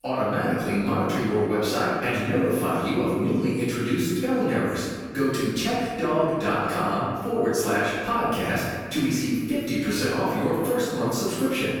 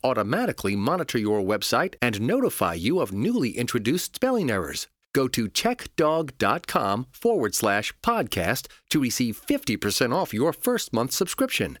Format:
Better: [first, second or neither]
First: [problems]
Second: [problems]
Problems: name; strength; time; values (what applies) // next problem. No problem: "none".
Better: second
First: off-mic speech; far // room echo; strong; dies away in 1.7 s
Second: none